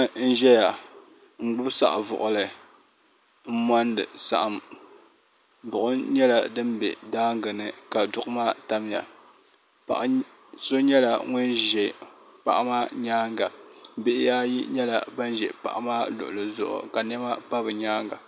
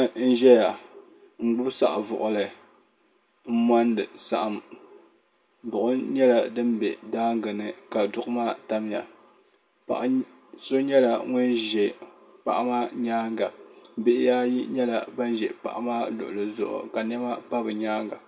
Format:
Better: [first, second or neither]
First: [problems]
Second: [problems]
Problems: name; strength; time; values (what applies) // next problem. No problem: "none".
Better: first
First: none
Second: room echo; dies away in 0.2 s